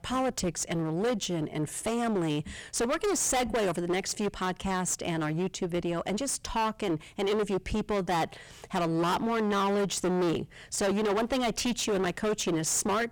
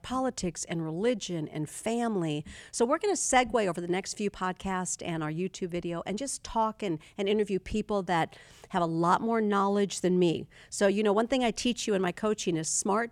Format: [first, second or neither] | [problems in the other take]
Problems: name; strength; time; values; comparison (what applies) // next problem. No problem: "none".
second | distortion; heavy; 22% of the sound clipped